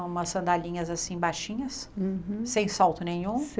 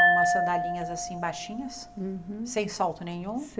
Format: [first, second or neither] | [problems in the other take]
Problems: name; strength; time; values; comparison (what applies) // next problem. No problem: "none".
first | background sound (Glass); 4 dB above the speech // room echo; dies away in 0.5 s